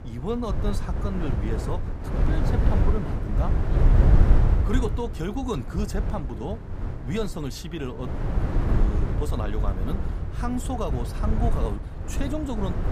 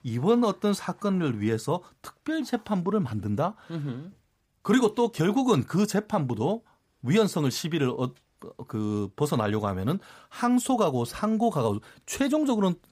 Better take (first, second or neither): second